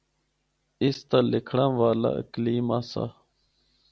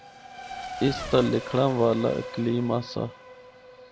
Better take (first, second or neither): first